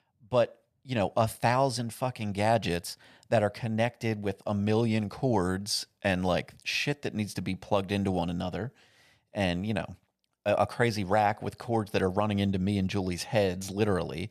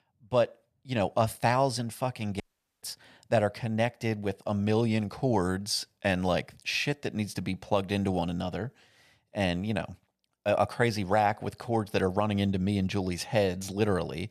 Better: first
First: none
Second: audio cutting out; at 2.5 s

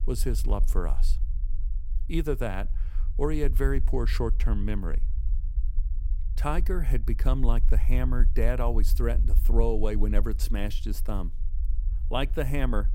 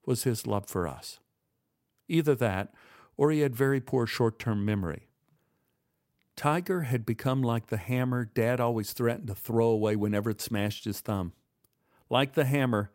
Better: second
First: low rumble; noticeable; throughout; 20 dB below the speech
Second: none

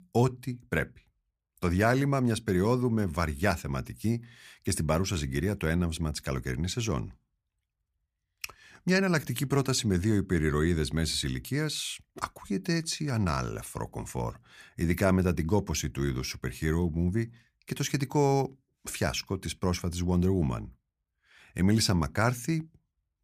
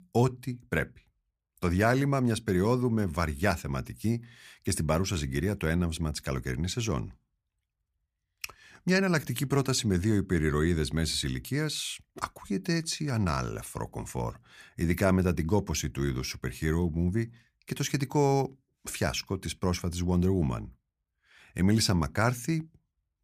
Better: neither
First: none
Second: none

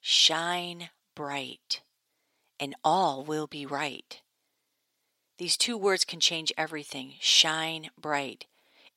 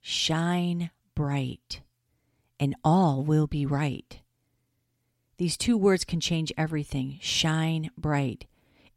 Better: second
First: thin; very; fading below 550 Hz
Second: none

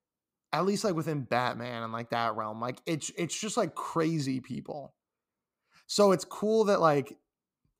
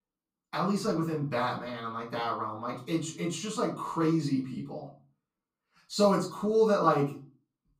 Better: first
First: none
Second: room echo; slight; dies away in 0.3 s // off-mic speech; far

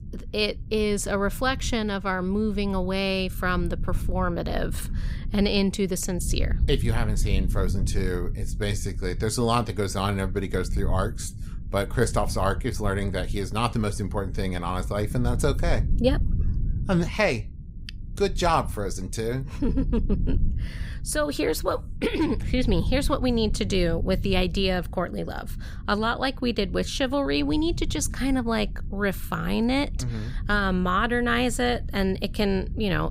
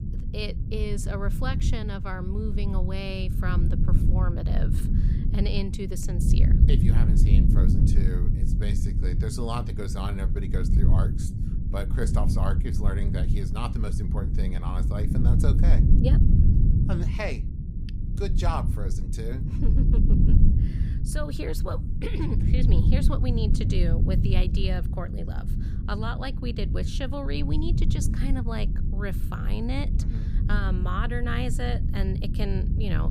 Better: first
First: low rumble; faint; throughout; 20 dB below the speech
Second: low rumble; loud; throughout; 3 dB below the speech

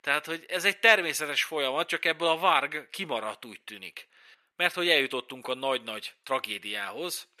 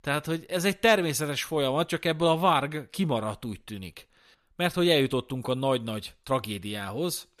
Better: second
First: thin; somewhat; fading below 400 Hz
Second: none

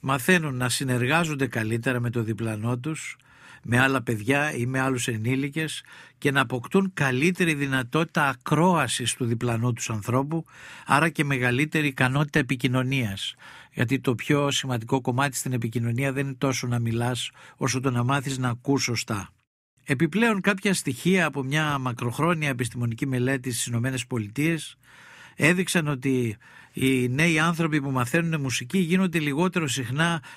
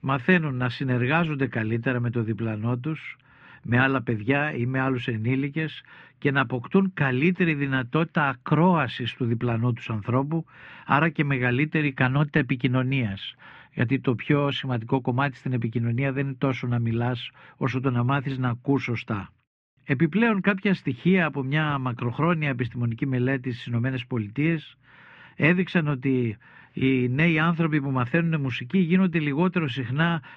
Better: first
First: none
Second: muffled; very; fading above 3 kHz

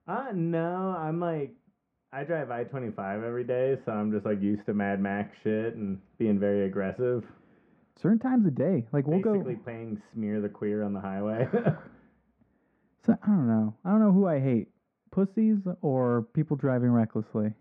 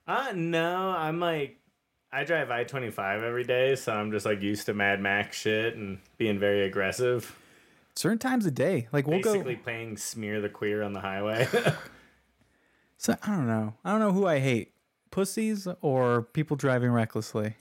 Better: second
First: muffled; very; fading above 1 kHz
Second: none

